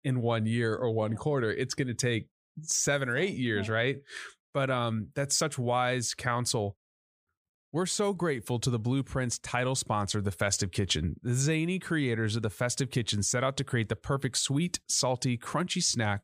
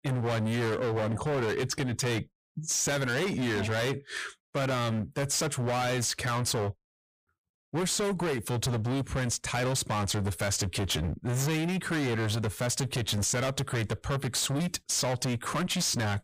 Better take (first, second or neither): first